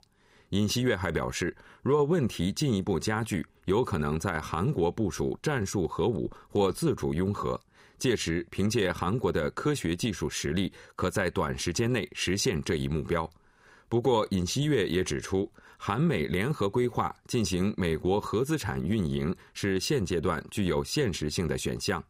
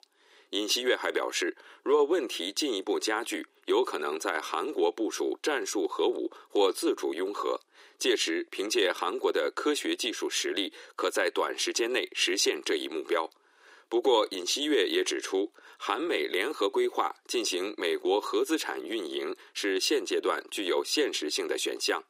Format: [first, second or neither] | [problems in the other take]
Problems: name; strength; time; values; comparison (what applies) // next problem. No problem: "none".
first | thin; somewhat; fading below 300 Hz